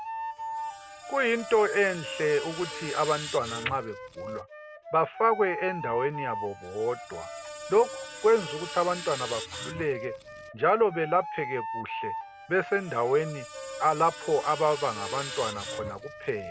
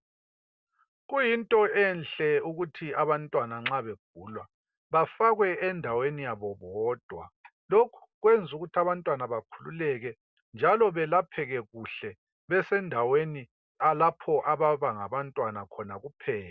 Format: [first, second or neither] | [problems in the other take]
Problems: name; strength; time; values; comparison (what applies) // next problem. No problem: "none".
second | background sound (Wind instrument, woodwind instrument + Screech); 10 dB below the speech